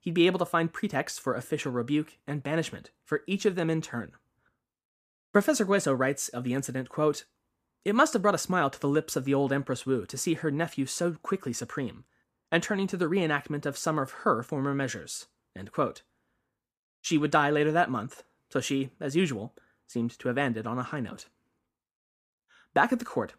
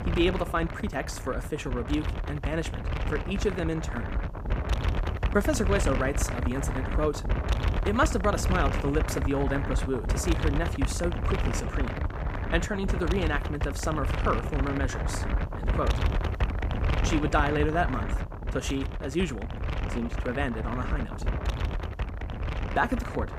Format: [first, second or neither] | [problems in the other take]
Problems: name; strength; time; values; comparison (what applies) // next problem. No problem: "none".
first | wind noise on the microphone; heavy; 5 dB below the speech